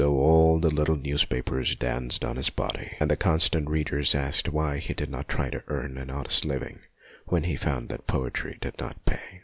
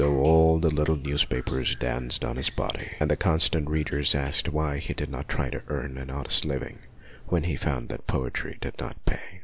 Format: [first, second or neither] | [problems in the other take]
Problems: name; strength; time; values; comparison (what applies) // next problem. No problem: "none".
first | background sound (Drip); 13 dB below the speech